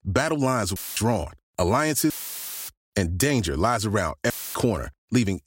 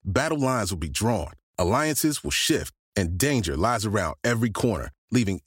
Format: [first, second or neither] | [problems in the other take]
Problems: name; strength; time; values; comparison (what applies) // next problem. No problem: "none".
second | audio cutting out; filled with static; at 1 s, at 2 s for 0.5 s and at 4.5 s